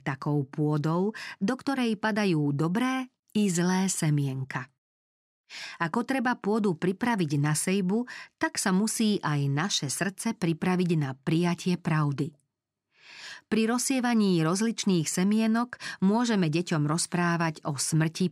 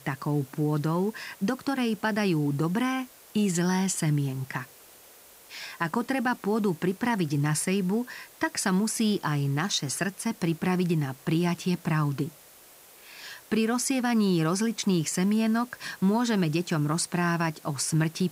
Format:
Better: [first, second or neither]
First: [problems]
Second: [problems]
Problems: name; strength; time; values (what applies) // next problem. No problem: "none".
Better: first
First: none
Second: hiss; faint; throughout; 20 dB below the speech